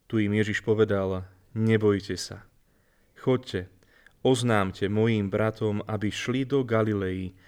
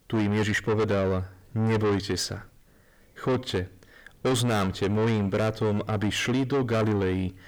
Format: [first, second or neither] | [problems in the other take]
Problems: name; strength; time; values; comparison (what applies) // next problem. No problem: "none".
first | distortion; heavy; 7 dB below the speech